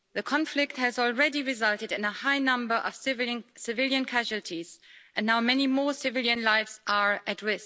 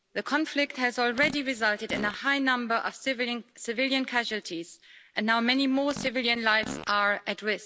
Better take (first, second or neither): first